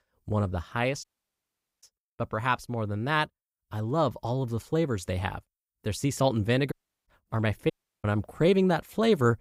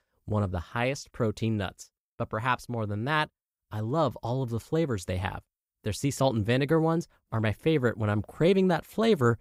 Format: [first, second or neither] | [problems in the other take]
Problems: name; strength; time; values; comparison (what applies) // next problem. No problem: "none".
second | audio cutting out; at 1 s for 1 s, at 6.5 s and at 7.5 s